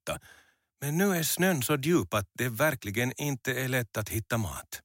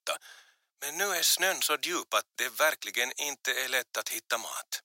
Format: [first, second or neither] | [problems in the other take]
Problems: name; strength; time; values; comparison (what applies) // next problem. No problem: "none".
first | thin; very; fading below 500 Hz